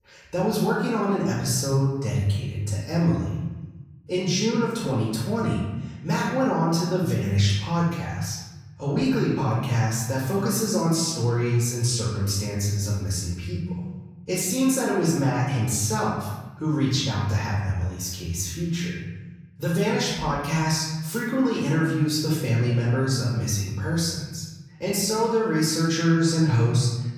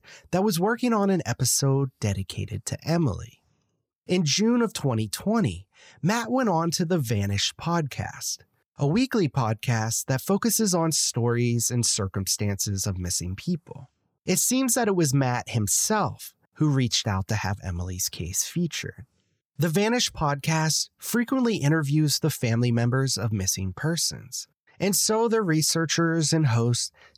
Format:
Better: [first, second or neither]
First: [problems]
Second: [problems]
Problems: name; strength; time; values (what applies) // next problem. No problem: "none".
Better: second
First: room echo; noticeable; dies away in 1.2 s // off-mic speech; far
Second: none